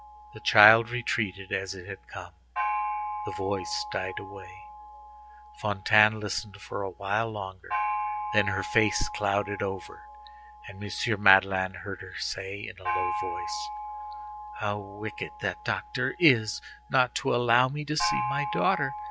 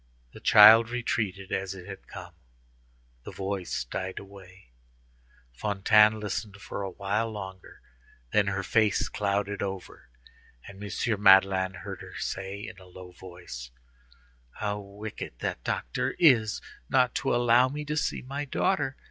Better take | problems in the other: second | background sound (Gong); 7 dB below the speech

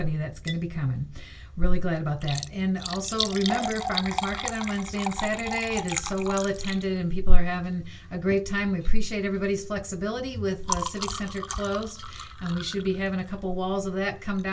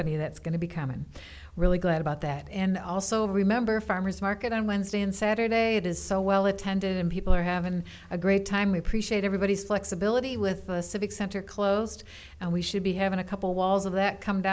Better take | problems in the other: second | background sound (Liquid); 13 dB below the speech // room echo; dies away in 0.2 s

